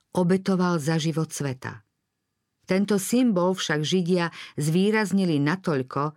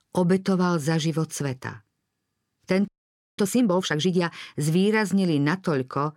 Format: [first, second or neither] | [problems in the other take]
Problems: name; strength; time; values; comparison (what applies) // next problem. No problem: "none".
first | audio freezing; at 3 s for 0.5 s